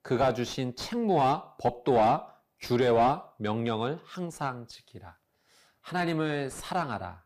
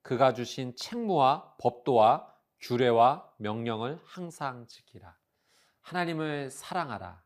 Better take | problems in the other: second | distortion; heavy; 7 dB below the speech

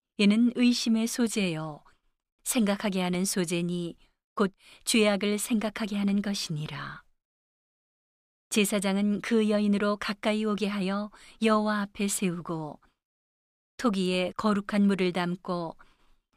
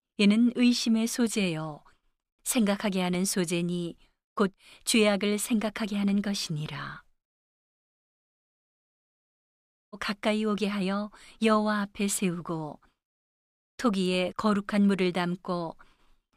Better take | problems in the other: first | audio cutting out; at 7.5 s for 2 s

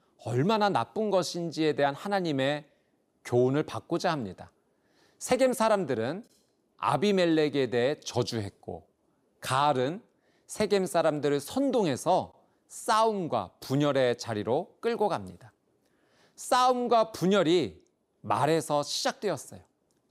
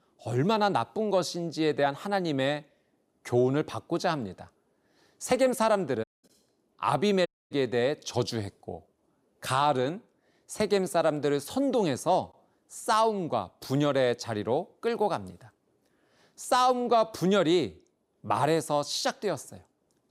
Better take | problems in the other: first | audio cutting out; at 6 s and at 7.5 s

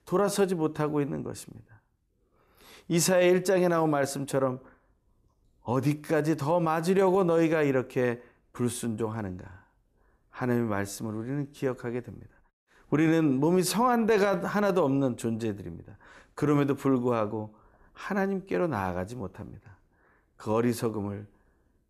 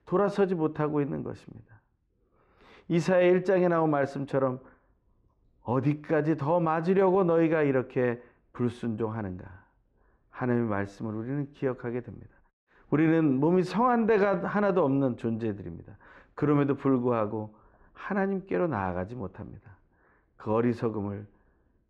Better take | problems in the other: first | muffled; very; fading above 2.5 kHz

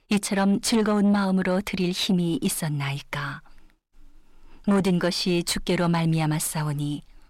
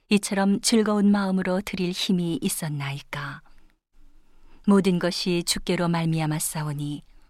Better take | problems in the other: second | distortion; slight; 10 dB below the speech

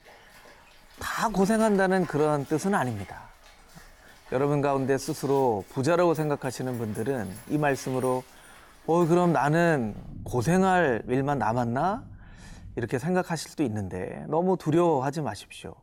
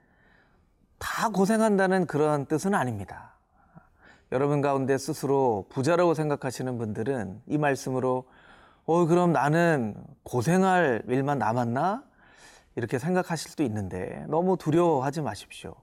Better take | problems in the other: second | rain or running water; faint; throughout; 20 dB below the speech

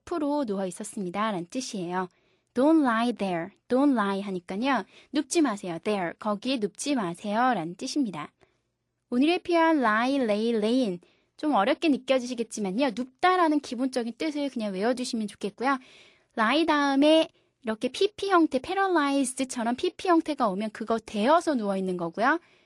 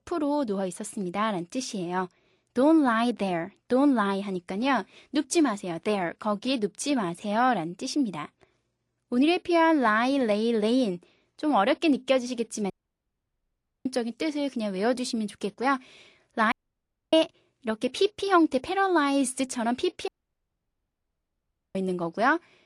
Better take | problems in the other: first | audio cutting out; at 13 s for 1 s, at 17 s for 0.5 s and at 20 s for 1.5 s

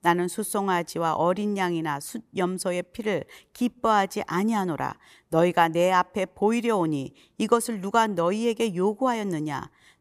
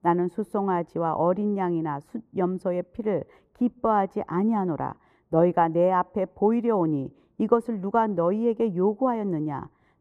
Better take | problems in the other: first | muffled; very; fading above 2 kHz

